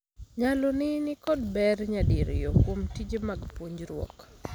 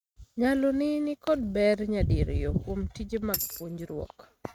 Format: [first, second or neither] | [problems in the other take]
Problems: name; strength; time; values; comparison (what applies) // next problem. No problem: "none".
first | noise reduction (neural mask model RNNoise)